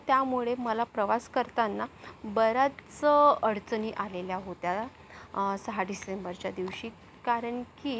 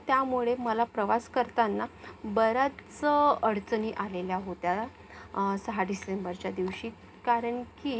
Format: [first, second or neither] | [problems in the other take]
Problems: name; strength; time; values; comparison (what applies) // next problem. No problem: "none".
first | room echo; dies away in 0.3 s